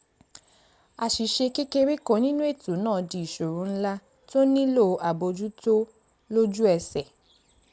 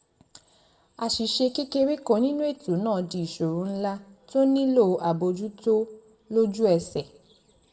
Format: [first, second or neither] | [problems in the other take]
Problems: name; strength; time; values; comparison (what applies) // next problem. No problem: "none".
first | room echo; dies away in 0.4 s